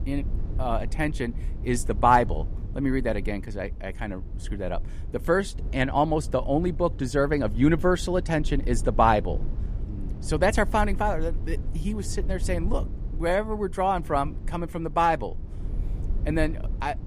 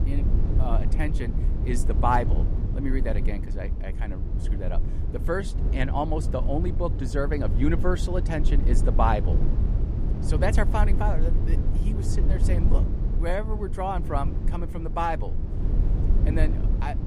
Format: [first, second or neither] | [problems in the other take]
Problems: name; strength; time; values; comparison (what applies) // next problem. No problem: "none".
first | low rumble; loud; throughout; 10 dB below the speech; faint in the first